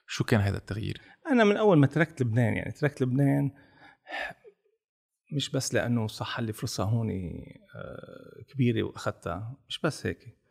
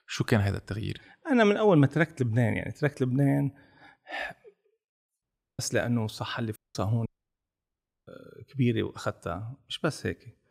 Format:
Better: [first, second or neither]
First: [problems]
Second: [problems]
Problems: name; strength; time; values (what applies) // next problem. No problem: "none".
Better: first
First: none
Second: audio cutting out; at 5 s, at 6.5 s and at 7 s for 1 s